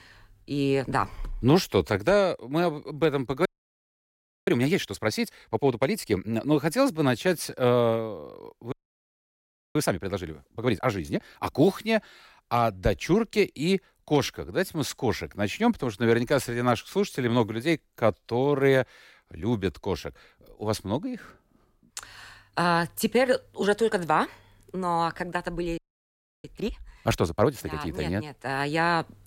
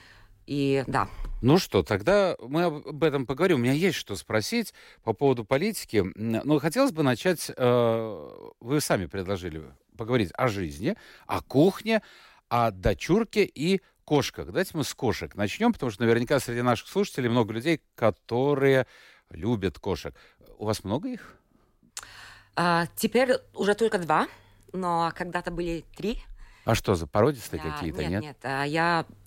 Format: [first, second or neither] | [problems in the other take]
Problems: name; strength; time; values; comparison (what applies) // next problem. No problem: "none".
second | audio freezing; at 3.5 s for 1 s, at 8.5 s for 1 s and at 26 s for 0.5 s